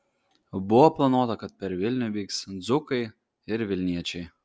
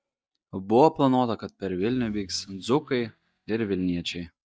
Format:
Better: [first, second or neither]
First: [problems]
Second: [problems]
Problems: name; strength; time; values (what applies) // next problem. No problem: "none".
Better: first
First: none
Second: noise reduction (neural mask model DeepFilterNet 3)